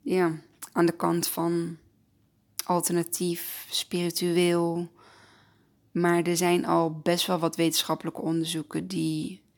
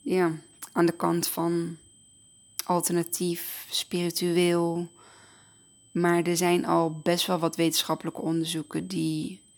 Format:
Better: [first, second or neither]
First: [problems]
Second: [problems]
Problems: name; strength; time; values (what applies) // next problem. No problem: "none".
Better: first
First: none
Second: high-pitched whine; faint; throughout; 8 kHz, 30 dB below the speech